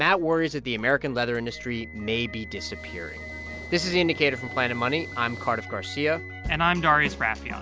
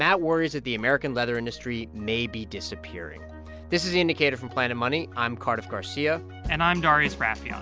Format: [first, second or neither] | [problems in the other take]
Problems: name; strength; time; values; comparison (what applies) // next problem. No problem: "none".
second | background sound (Hiss + Wind instrument, woodwind instrument); 16 dB below the speech